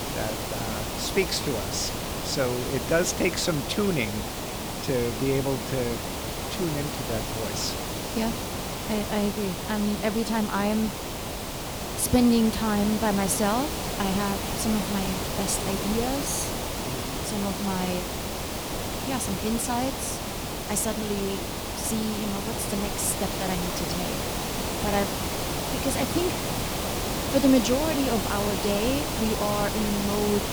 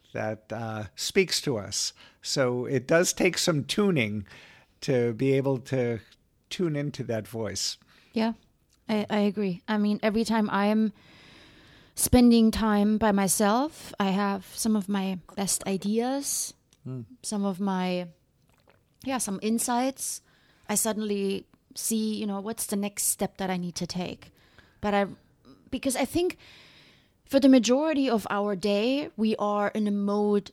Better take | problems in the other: second | hiss; loud; throughout; 2 dB below the speech

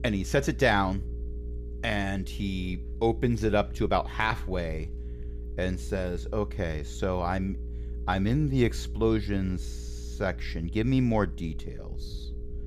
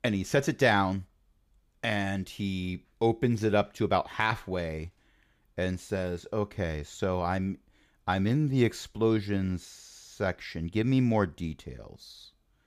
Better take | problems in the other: second | low rumble; faint; throughout; 20 dB below the speech

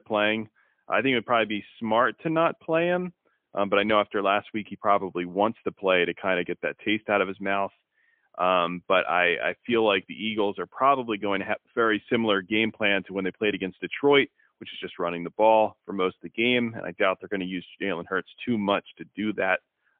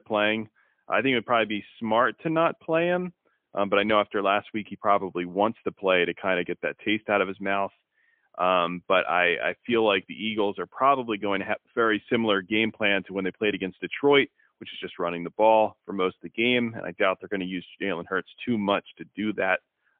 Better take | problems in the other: neither | phone-call audio; poor line; nothing above 3.5 kHz; the same in both

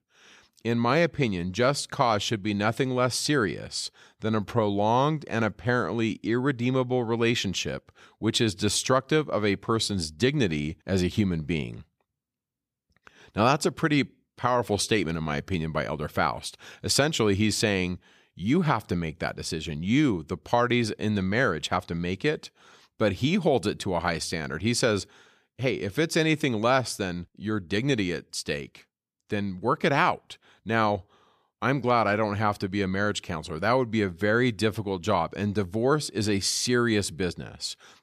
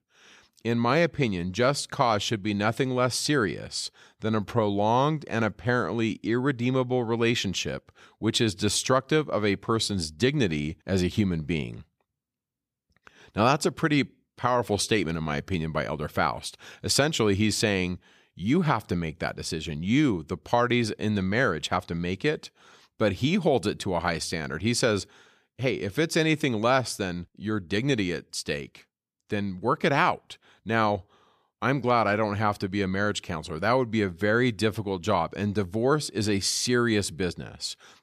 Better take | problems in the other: neither | none

